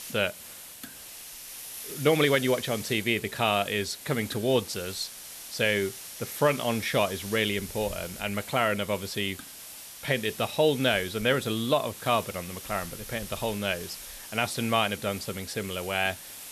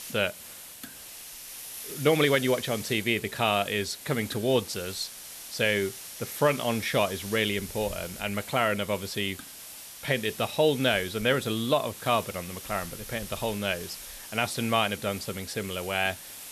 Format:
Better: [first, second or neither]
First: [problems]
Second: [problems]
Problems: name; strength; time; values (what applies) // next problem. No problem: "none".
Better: neither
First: hiss; noticeable; throughout; 10 dB below the speech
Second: hiss; noticeable; throughout; 10 dB below the speech